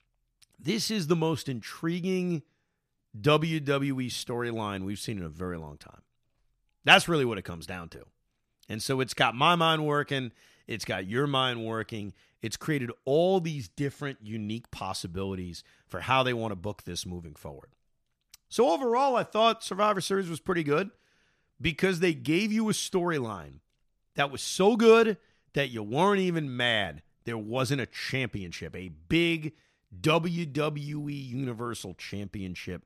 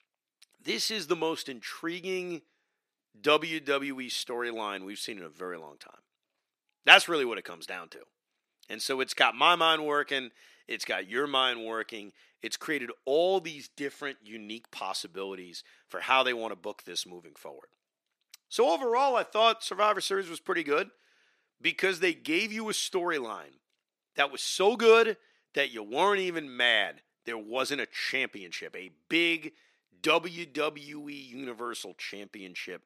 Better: first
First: none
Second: thin; somewhat; fading below 300 Hz

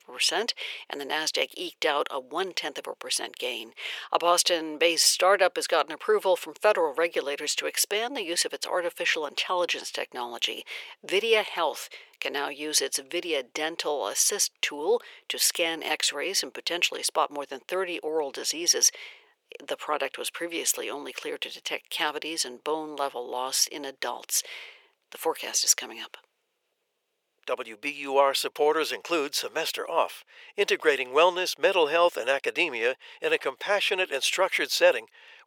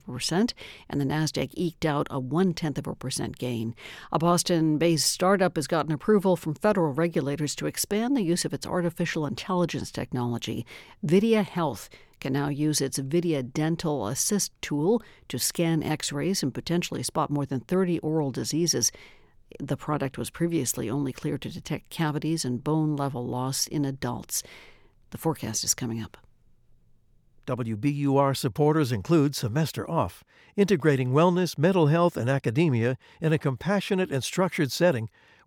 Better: second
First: thin; very; fading below 450 Hz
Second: none

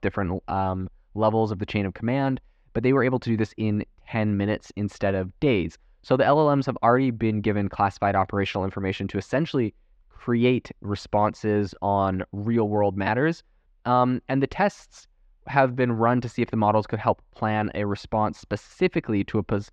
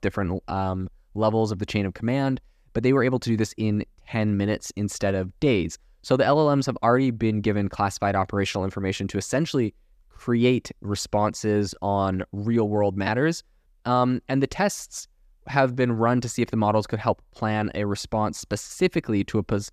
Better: second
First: muffled; slightly; fading above 3 kHz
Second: none

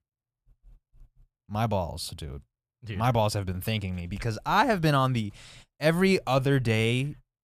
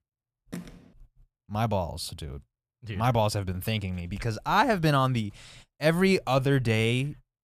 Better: first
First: none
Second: phone ringing; faint; at 0.5 s; peak 15 dB below the speech

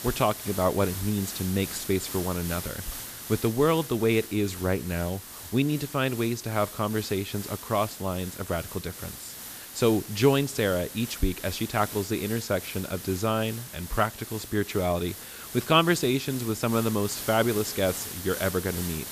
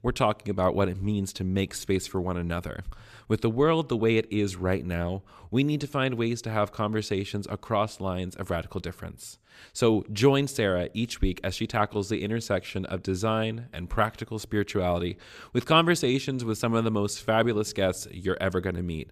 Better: second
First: hiss; loud; throughout; 10 dB below the speech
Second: none

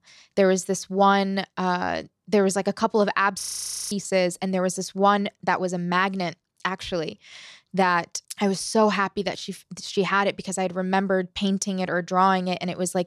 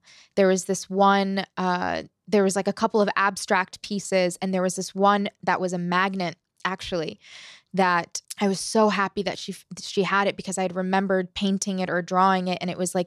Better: second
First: audio freezing; at 3.5 s for 0.5 s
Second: none

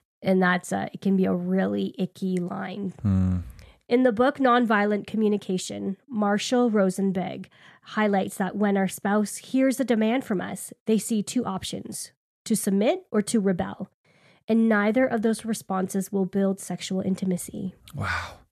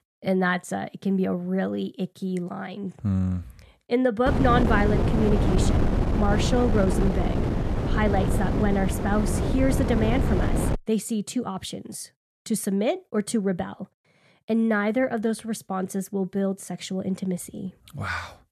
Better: first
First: none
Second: wind noise on the microphone; heavy; from 4.5 to 11 s; 2 dB below the speech

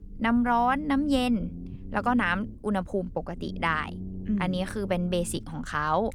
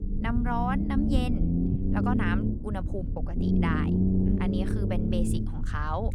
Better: first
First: low rumble; faint; throughout; 20 dB below the speech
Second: low rumble; loud; throughout; 1 dB below the speech

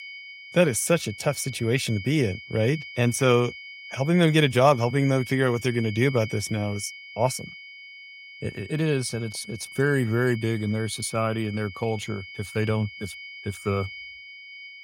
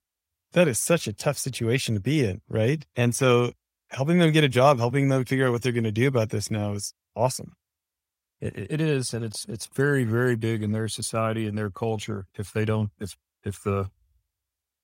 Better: second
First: high-pitched whine; noticeable; throughout; 2 kHz, 15 dB below the speech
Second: none

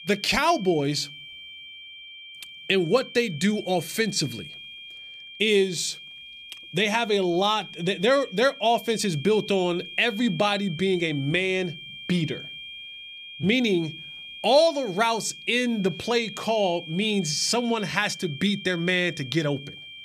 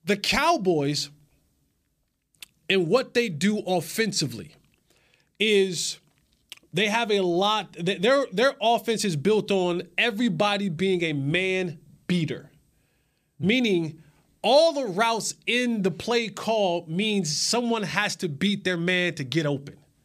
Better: second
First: high-pitched whine; noticeable; throughout; 3 kHz, 15 dB below the speech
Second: none

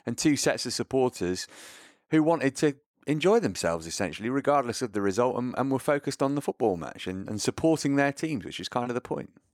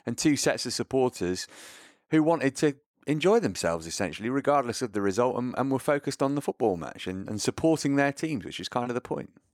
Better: neither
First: none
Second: none

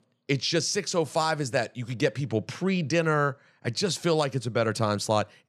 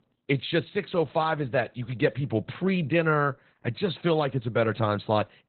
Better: first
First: none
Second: garbled, watery; badly; nothing above 4 kHz

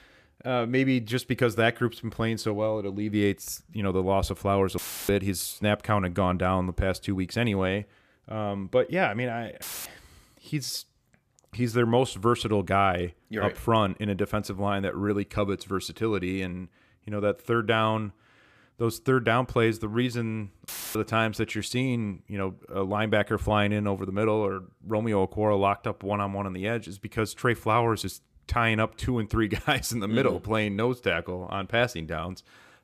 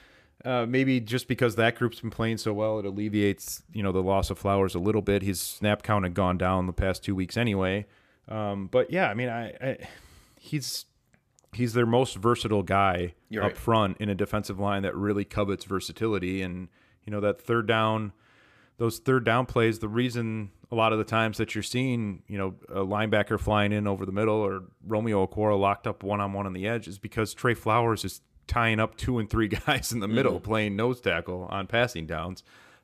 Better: second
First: audio cutting out; filled with static; at 5 s, at 9.5 s and at 21 s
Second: none

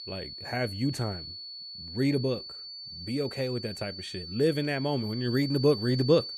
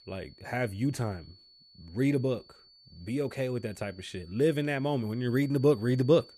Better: second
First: high-pitched whine; loud; throughout; 4.5 kHz, 9 dB below the speech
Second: high-pitched whine; faint; throughout; 4.5 kHz, 25 dB below the speech

